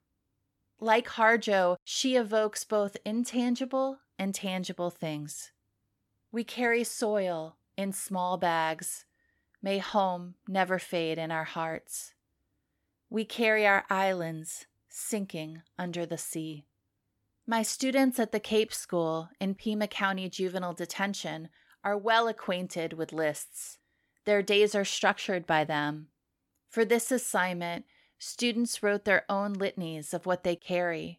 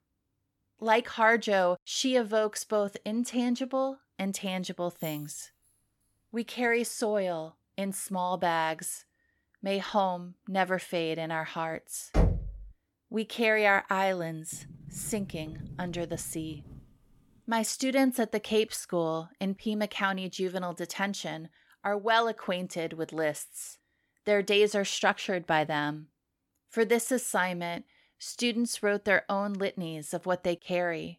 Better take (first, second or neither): first